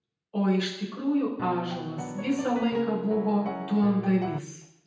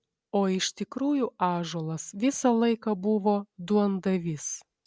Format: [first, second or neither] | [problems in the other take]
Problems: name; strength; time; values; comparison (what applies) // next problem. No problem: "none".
second | background sound (Piano); 9 dB below the speech // room echo; dies away in 0.9 s